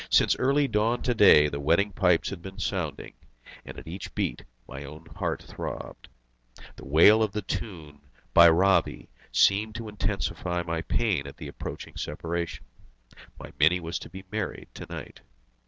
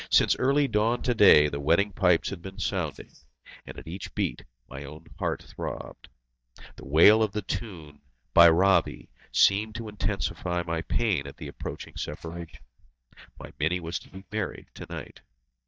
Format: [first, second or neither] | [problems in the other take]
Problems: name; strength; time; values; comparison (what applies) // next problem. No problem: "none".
first | noise reduction (neural mask model DeepFilterNet 3)